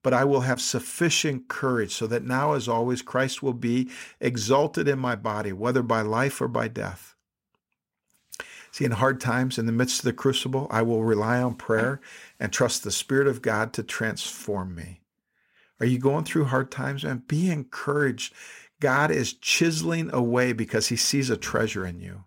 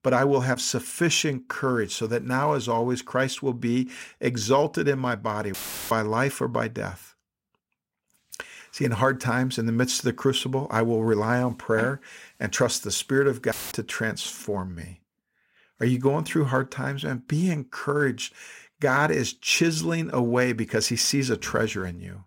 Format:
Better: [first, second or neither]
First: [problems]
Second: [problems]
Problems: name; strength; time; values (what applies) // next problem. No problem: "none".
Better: first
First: none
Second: audio cutting out; filled with static; at 5.5 s and at 14 s